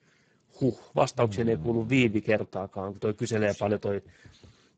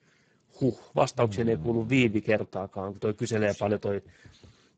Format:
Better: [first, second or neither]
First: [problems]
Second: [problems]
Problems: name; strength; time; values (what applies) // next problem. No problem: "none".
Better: neither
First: garbled, watery; badly; nothing above 8 kHz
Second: garbled, watery; badly; nothing above 8 kHz